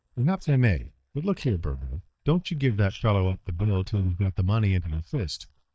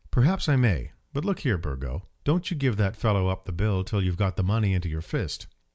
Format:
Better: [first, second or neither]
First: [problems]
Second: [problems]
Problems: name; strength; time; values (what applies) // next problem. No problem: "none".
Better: second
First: noise reduction (neural mask model DeepFilterNet 3)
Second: none